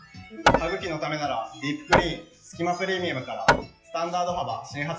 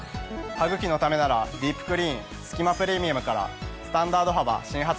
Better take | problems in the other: second | noise reduction (classical method WPE with log-MMSE)

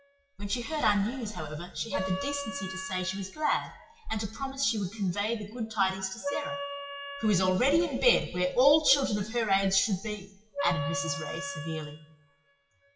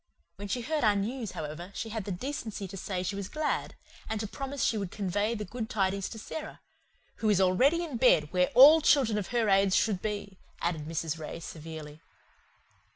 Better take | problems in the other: second | noise reduction (classical method WPE with log-MMSE)

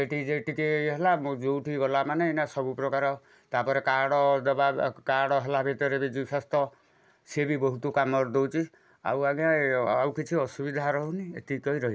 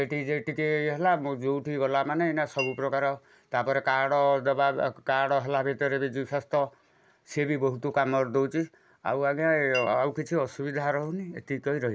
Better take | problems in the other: first | background sound (Chink, clink); 13 dB below the speech

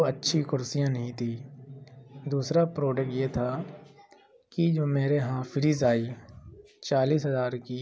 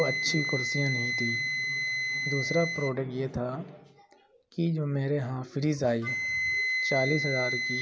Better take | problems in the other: first | background sound (Wind instrument, woodwind instrument); 1 dB below the speech

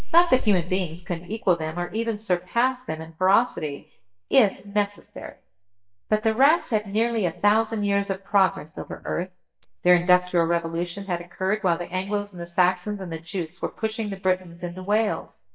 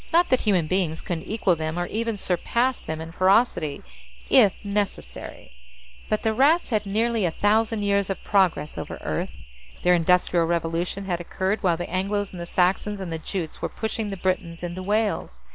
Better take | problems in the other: second | noise reduction (neural mask model DeepFilterNet 3)

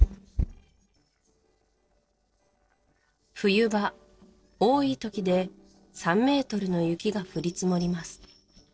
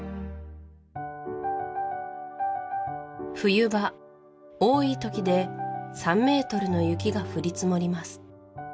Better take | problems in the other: second | noise reduction (neural separator model SepFormer DNS4)

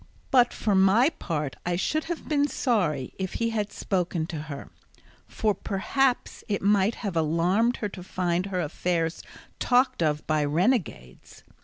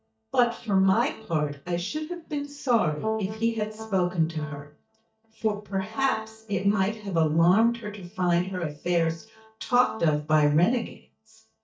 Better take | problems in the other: first | noise reduction (neural mask model DeepFilterNet 3)

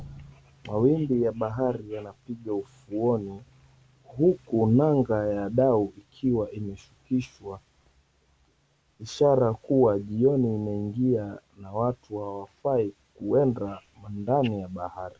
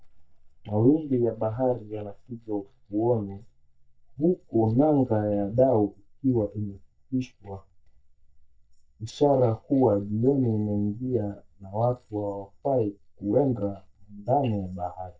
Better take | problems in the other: first | noise reduction (neural mask model DeepFilterNet 3)

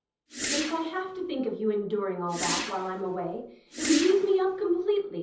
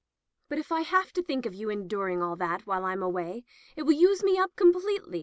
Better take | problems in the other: second | background sound (Whoosh, swoosh, swish); 7 dB below the speech // room echo; dies away in 0.7 s

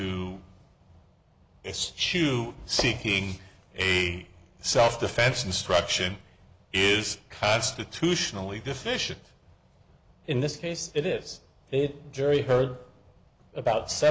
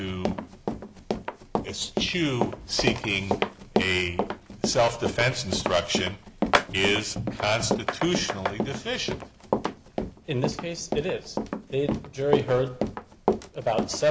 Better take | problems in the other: first | background sound (Run); 2 dB below the speech

